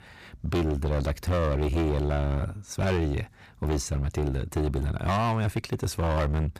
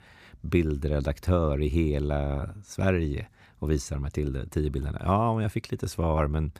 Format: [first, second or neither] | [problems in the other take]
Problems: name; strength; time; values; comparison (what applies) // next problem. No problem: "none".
second | distortion; heavy; 21% of the sound clipped